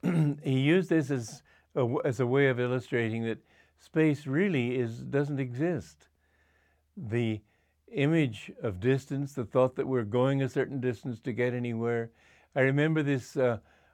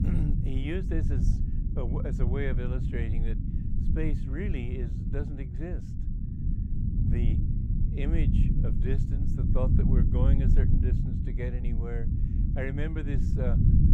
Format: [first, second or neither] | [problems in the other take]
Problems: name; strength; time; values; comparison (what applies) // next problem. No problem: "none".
first | low rumble; loud; throughout; 2 dB below the speech